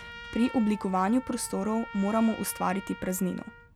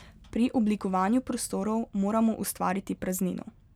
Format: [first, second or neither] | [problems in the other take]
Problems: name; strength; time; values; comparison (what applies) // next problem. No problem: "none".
second | background sound (Trumpet); 15 dB below the speech